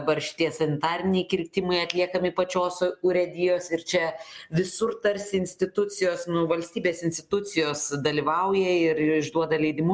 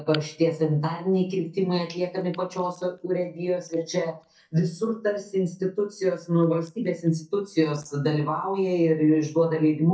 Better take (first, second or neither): first